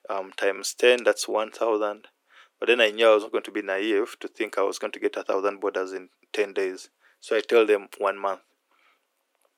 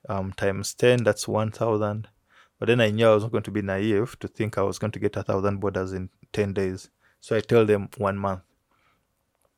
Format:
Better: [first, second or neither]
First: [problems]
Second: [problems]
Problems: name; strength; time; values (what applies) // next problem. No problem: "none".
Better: second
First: thin; very; fading below 300 Hz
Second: none